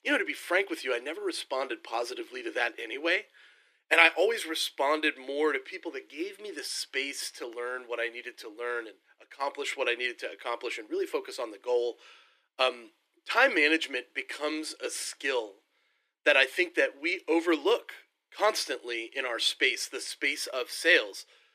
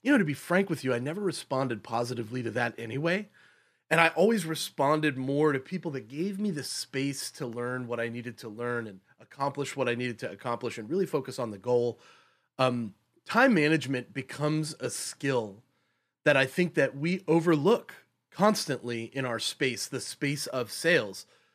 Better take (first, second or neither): second